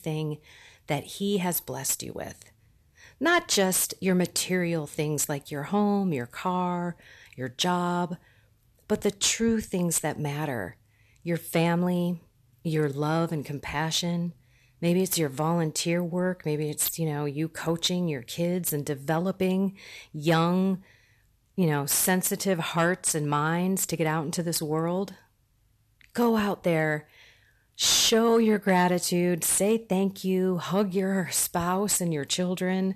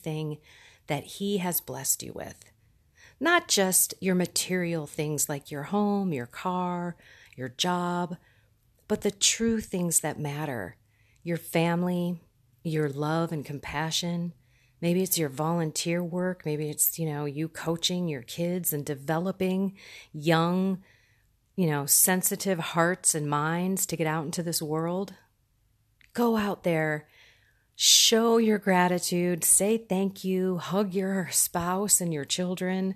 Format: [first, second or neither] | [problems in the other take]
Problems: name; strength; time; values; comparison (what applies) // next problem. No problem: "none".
second | distortion; slight; 10 dB below the speech